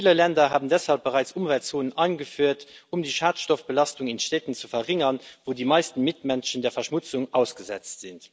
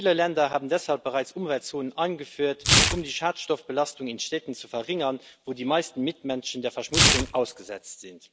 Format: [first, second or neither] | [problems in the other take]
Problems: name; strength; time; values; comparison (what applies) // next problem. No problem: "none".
first | background sound (Tearing); 1 dB below the speech